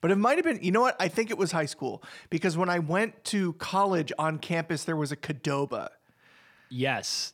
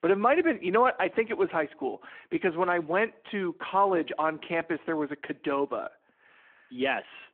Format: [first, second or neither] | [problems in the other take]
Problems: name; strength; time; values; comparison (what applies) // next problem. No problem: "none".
first | phone-call audio